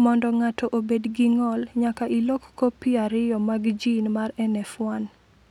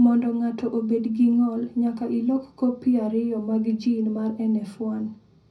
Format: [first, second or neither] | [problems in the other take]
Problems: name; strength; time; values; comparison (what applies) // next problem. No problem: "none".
first | room echo; dies away in 0.4 s